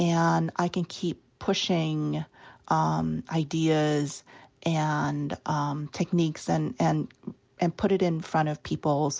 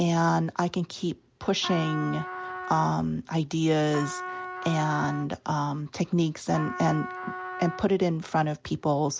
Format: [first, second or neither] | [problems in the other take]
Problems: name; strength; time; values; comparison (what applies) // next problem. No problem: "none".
first | background sound (Trumpet); 11 dB below the speech